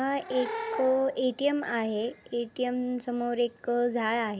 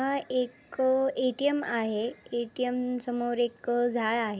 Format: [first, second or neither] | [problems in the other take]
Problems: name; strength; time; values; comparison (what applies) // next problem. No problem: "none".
second | background sound (Animal / Brass instrument); 12 dB below the speech